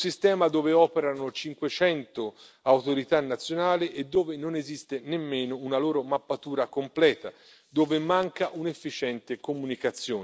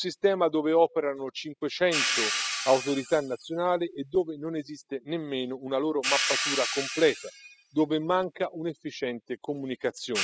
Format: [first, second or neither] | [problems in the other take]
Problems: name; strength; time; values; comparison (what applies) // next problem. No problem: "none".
first | noise reduction (classical method spectral subtraction)